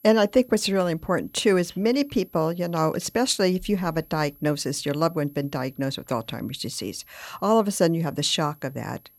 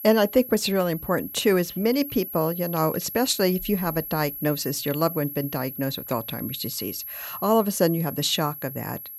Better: first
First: high-pitched whine; faint; throughout; 11.5 kHz, 25 dB below the speech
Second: high-pitched whine; loud; throughout; 11.5 kHz, 9 dB below the speech

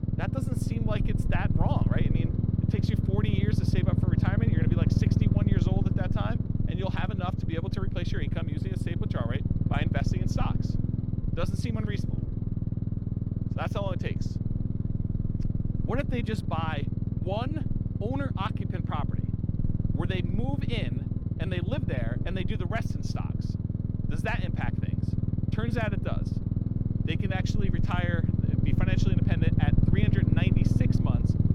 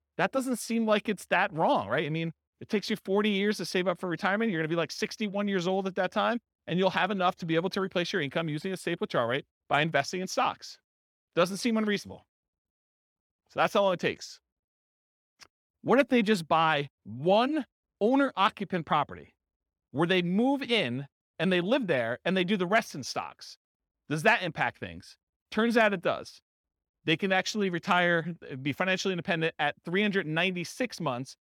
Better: second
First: low rumble; loud; throughout; 2 dB below the speech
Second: none

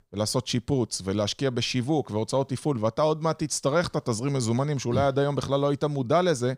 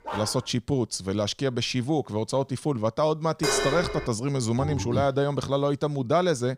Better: first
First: none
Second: dog barking; noticeable; at the start; peak 9 dB below the speech // clattering dishes; loud; at 3.5 s; peak 1 dB above the speech // phone ringing; noticeable; at 4.5 s; peak 8 dB below the speech

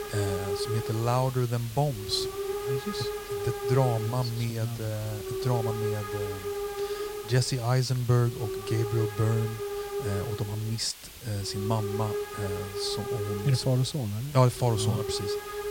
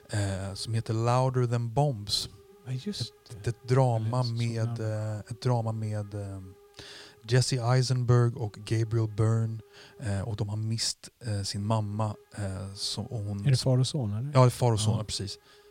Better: second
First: hiss; loud; throughout; 6 dB below the speech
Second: hiss; faint; throughout; 30 dB below the speech

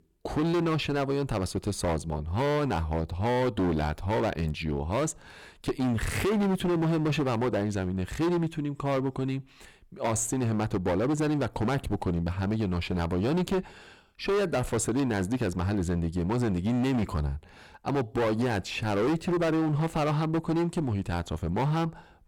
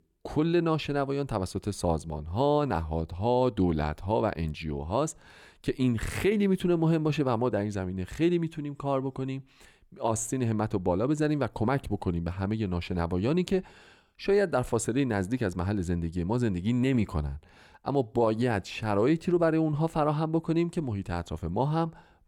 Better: second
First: distortion; heavy; 18% of the sound clipped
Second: none

